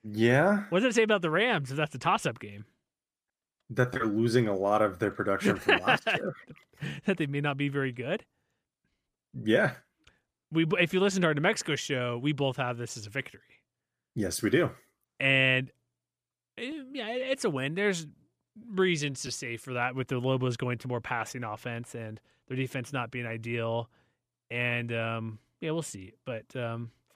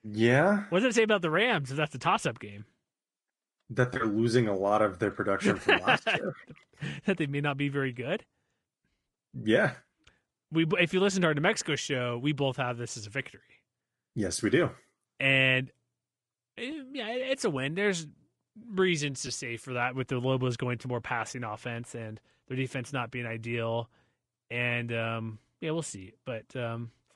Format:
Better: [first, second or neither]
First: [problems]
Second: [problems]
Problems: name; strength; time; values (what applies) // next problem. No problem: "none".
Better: first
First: none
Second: garbled, watery; slightly; nothing above 10 kHz